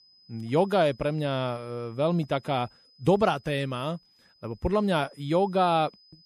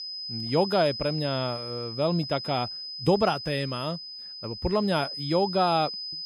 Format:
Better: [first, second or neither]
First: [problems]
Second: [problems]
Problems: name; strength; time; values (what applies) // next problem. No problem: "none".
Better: first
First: high-pitched whine; faint; throughout; 5 kHz, 30 dB below the speech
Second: high-pitched whine; loud; throughout; 5 kHz, 7 dB below the speech